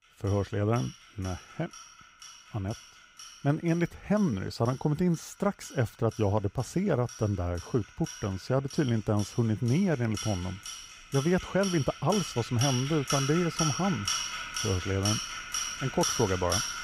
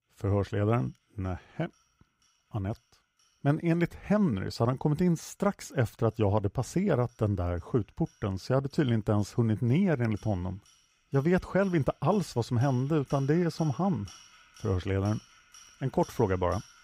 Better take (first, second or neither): second